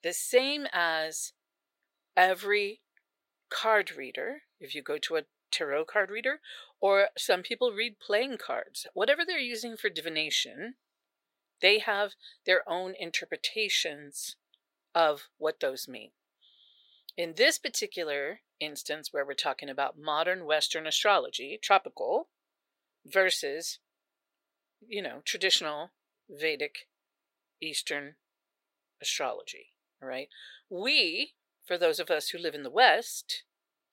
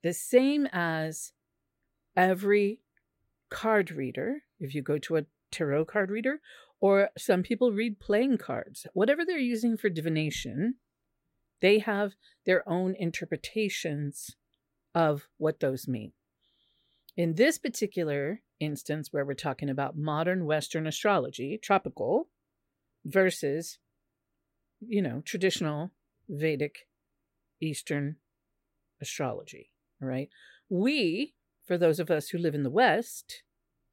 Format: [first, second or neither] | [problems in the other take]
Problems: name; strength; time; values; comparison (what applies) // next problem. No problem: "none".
second | thin; very; fading below 650 Hz